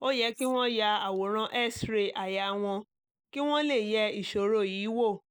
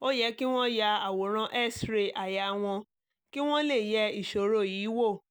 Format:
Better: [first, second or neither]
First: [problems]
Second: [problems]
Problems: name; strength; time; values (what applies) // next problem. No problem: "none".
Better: second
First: noise reduction (neural mask model Resemble Enhance denoiser)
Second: none